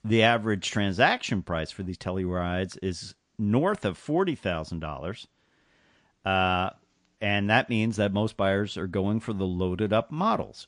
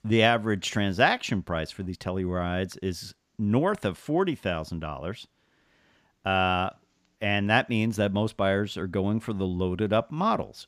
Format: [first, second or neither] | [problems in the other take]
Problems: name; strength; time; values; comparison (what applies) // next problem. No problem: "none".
second | garbled, watery; slightly